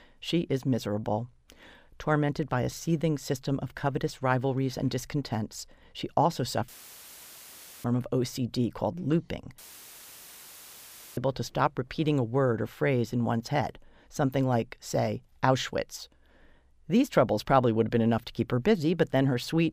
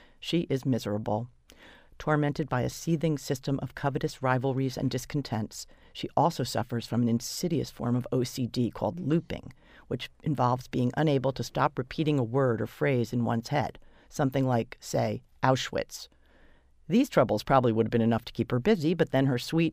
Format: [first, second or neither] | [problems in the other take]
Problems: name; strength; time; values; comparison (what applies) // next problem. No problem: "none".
second | audio cutting out; filled with static; at 6.5 s for 1 s and at 9.5 s for 1.5 s